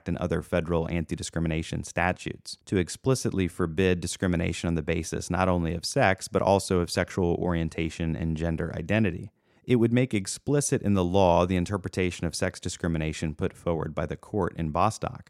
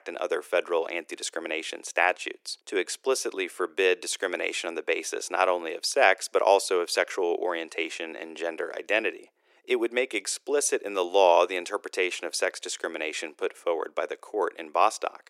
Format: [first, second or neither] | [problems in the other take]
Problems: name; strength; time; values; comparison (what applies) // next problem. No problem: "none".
first | thin; very; fading below 350 Hz